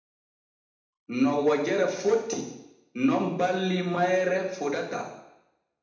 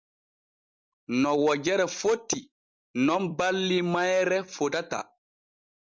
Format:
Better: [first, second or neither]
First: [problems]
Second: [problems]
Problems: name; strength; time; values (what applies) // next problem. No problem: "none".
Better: second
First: room echo; dies away in 0.8 s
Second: none